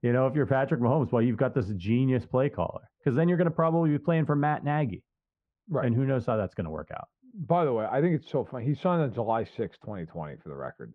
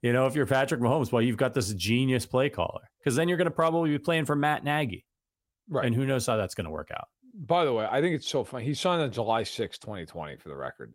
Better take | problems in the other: second | muffled; very; fading above 1.5 kHz

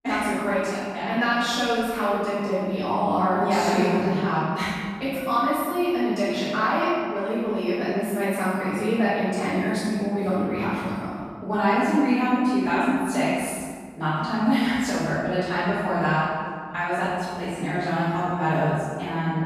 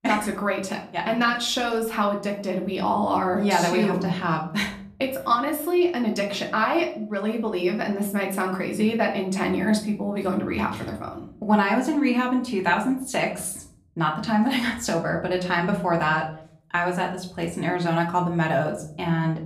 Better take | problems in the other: second | room echo; strong; dies away in 1.7 s; slight in the second // off-mic speech; far; somewhat distant in the second

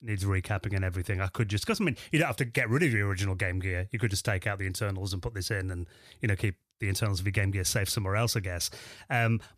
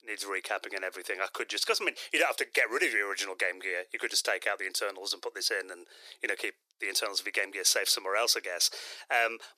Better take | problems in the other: first | thin; very; fading below 400 Hz

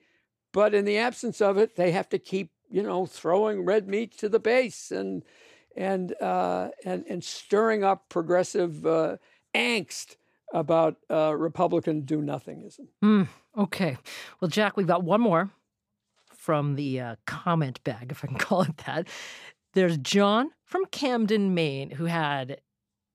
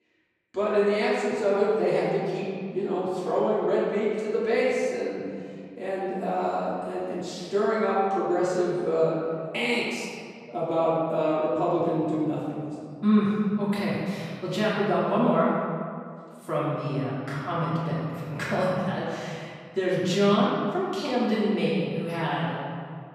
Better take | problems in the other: first | off-mic speech; far // room echo; strong; dies away in 2 s

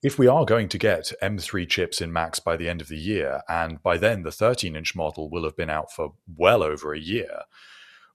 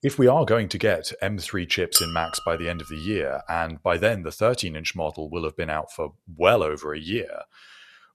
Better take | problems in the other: first | clattering dishes; loud; at 2 s; peak 3 dB above the speech

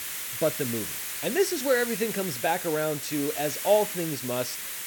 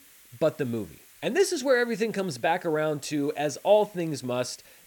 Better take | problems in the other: second | hiss; loud; throughout; 4 dB below the speech; faint in the second

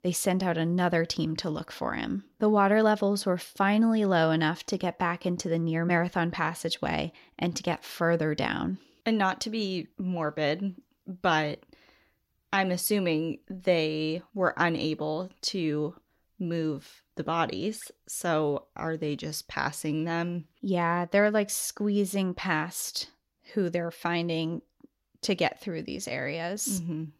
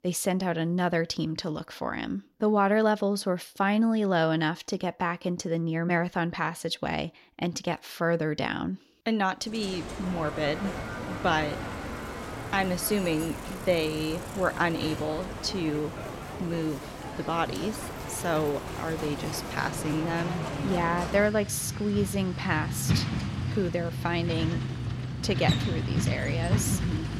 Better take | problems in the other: first | traffic noise; loud; from 9.5 s on; 5 dB below the speech

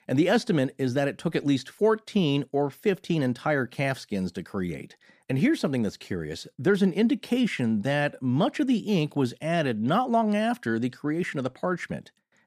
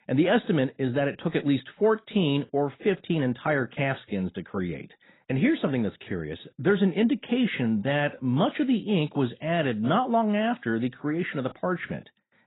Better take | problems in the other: first | garbled, watery; badly; nothing above 4 kHz

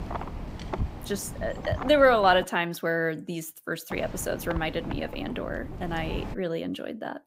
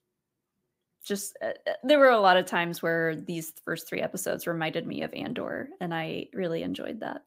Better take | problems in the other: second | wind noise on the microphone; occasional gusts; until 2.5 s and from 4 to 6.5 s; 15 dB below the speech

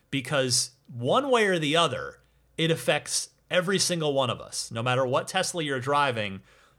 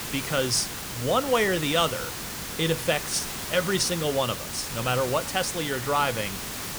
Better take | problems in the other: first | hiss; loud; throughout; 6 dB below the speech

